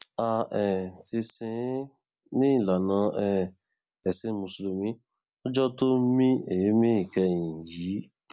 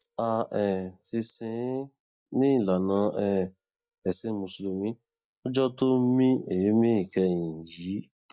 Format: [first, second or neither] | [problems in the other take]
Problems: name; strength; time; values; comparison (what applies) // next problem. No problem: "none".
first | noise reduction (neural mask model DeepFilterNet 3)